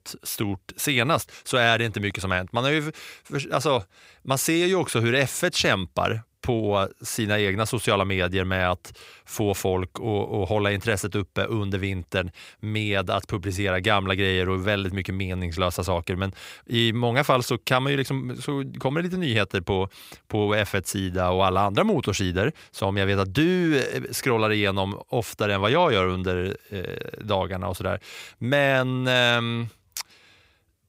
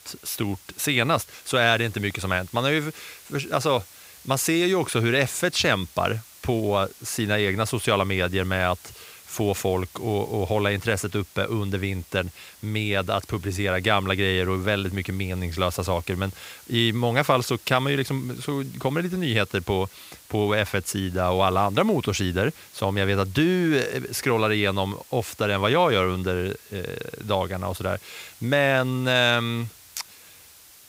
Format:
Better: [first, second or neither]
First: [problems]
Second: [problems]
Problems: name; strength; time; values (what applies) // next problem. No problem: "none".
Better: first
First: none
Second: hiss; faint; throughout; 20 dB below the speech